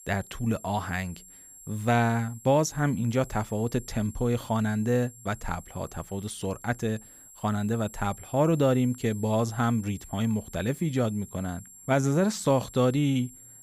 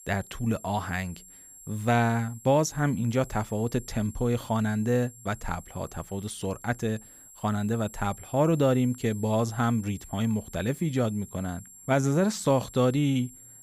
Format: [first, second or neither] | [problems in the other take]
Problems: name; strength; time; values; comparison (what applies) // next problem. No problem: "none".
neither | high-pitched whine; noticeable; throughout; 7.5 kHz, 20 dB below the speech; the same in both